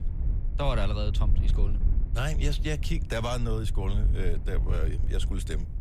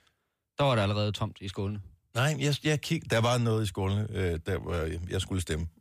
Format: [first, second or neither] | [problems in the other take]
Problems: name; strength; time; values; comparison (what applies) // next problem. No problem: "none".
second | wind noise on the microphone; occasional gusts; 15 dB below the speech